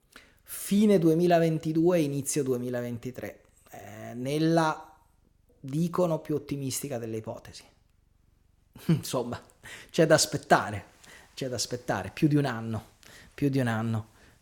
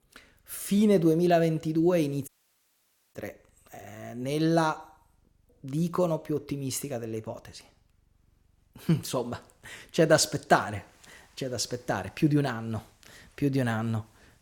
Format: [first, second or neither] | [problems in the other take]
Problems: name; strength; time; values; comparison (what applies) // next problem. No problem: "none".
first | audio cutting out; at 2.5 s for 1 s